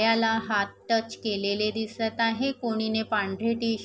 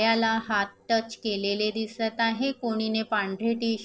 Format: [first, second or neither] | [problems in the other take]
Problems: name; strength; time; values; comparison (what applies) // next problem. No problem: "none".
first | noise reduction (neural separator model SepFormer DNS4)